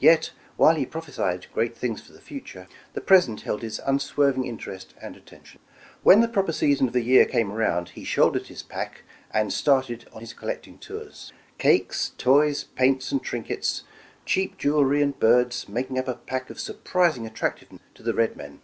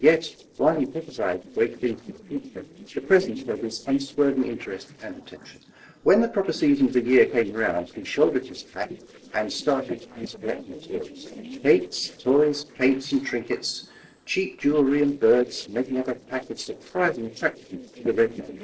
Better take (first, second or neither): first